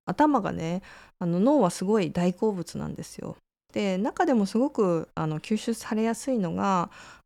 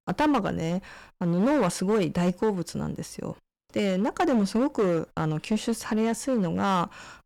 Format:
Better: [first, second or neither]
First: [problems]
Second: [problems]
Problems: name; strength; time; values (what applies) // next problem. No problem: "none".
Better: first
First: none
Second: distortion; slight; 9% of the sound clipped